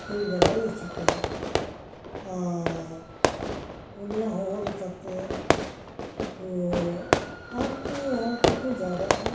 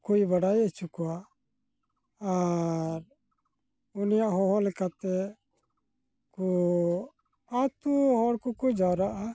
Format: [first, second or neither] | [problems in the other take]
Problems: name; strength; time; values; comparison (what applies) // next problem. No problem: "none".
second | background sound (Fireworks); 3 dB above the speech // room echo; dies away in 0.7 s